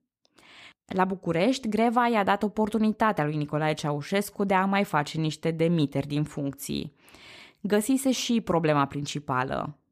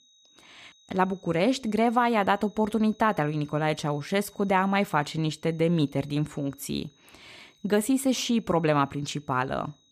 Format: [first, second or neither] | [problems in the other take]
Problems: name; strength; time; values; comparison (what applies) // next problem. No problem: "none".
first | high-pitched whine; faint; throughout; 4 kHz, 30 dB below the speech